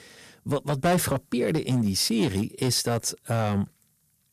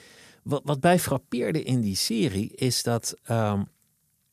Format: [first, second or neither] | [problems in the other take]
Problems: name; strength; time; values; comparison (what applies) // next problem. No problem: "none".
second | distortion; slight; 6% of the sound clipped